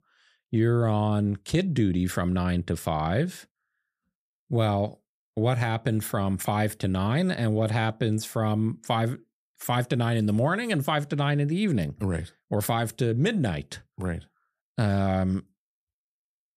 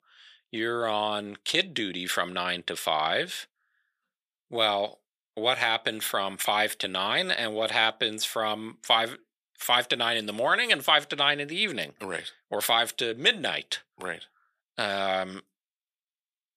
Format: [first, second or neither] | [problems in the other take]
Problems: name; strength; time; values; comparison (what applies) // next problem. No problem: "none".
first | thin; very; fading below 550 Hz